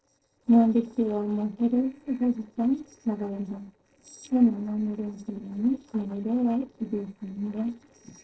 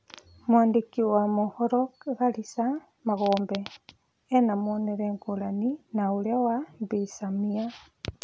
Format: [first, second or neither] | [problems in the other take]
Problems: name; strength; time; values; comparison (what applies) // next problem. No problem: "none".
second | noise reduction (neural separator model SepFormer DNS4)